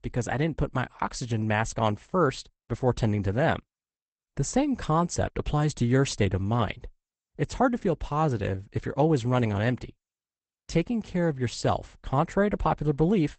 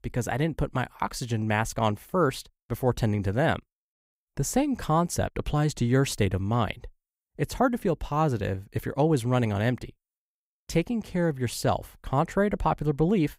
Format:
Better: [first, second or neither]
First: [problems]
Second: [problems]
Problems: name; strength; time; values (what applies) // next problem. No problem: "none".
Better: second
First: garbled, watery; badly; nothing above 8 kHz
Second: none